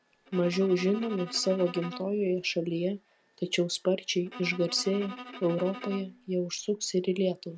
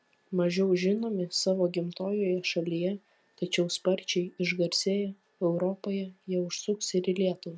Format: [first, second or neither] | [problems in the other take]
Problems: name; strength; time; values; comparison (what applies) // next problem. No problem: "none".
second | background sound (Bowed string instrument); 15 dB below the speech